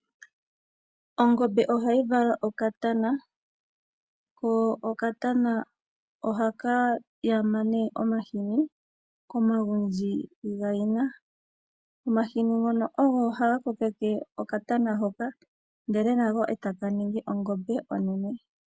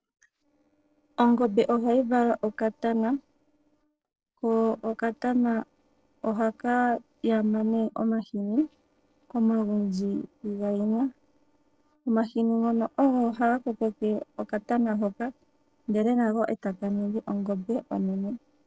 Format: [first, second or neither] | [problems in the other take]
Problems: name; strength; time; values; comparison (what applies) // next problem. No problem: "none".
first | noise reduction (neural separator model SepFormer DNS4)